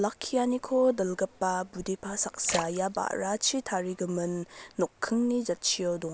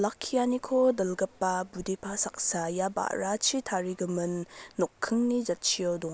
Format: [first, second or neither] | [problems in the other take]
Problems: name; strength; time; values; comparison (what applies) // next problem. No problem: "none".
second | background sound (Splash, splatter); 11 dB below the speech